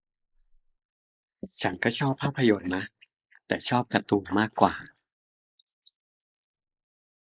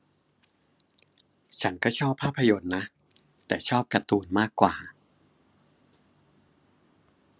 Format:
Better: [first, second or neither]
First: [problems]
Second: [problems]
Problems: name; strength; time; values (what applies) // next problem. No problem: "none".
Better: second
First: noise reduction (neural mask model Resemble Enhance denoiser)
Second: none